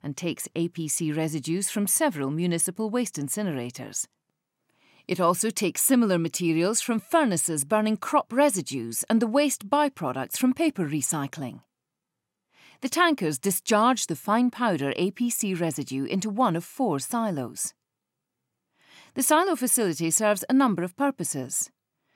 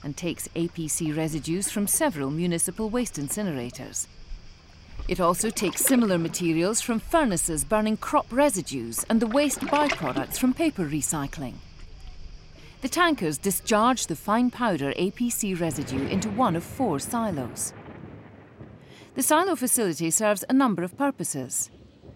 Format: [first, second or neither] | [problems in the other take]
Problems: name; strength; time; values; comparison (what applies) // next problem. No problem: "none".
first | rain or running water; noticeable; throughout; 15 dB below the speech